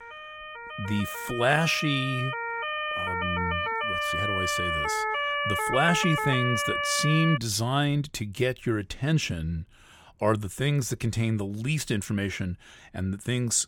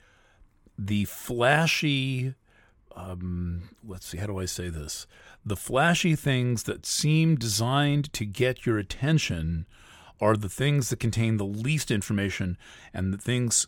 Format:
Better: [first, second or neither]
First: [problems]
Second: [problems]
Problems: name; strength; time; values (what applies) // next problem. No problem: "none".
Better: second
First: siren; loud; until 7.5 s; peak 1 dB above the speech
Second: none